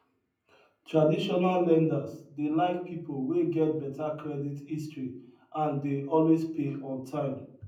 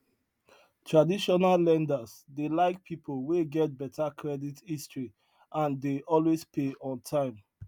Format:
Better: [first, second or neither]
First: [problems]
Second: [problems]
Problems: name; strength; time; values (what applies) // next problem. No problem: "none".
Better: second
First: room echo; dies away in 0.6 s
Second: none